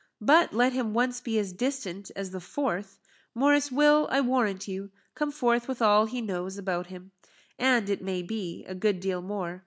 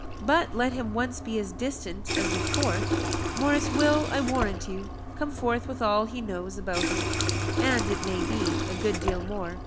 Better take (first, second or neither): first